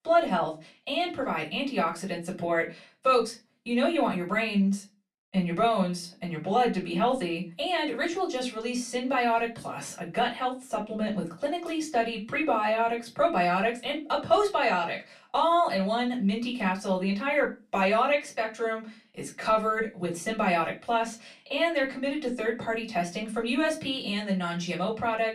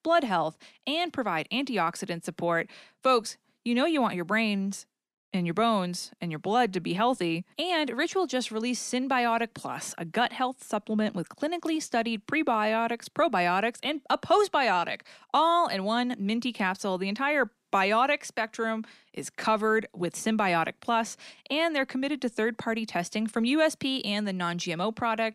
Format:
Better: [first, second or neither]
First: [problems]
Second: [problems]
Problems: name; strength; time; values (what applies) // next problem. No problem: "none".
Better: second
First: off-mic speech; far // room echo; very slight; dies away in 0.2 s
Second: none